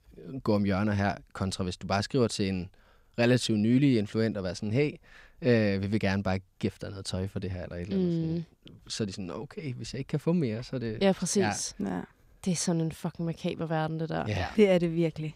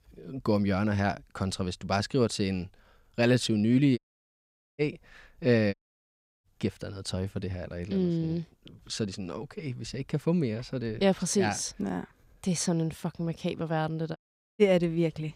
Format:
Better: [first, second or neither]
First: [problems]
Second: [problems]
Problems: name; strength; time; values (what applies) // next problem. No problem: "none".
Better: first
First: none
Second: audio cutting out; at 4 s for 1 s, at 5.5 s for 0.5 s and at 14 s